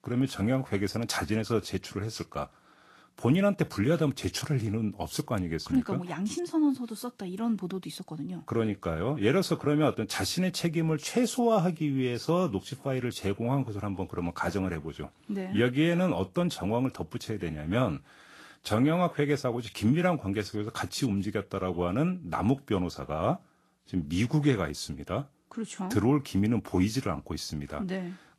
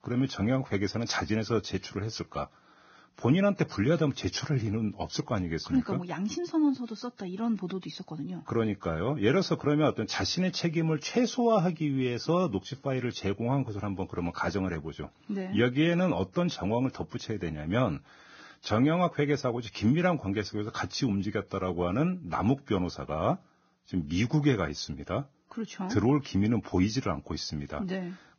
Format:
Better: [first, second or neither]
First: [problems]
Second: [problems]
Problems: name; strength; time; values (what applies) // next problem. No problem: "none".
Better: first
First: garbled, watery; slightly; nothing above 12.5 kHz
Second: garbled, watery; badly; nothing above 6.5 kHz